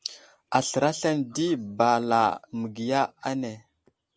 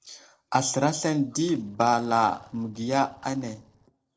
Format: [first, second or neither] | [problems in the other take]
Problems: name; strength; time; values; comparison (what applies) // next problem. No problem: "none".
first | noise reduction (neural separator model SepFormer DNS4)